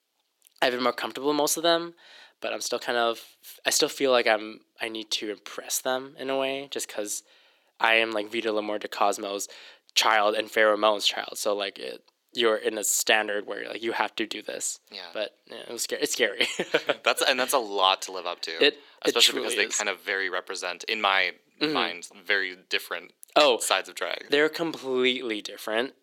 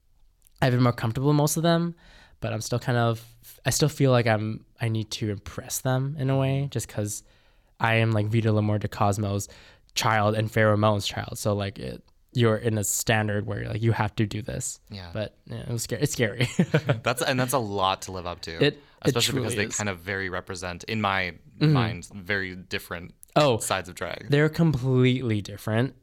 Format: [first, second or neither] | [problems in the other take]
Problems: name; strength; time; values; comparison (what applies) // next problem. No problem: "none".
second | thin; very; fading below 350 Hz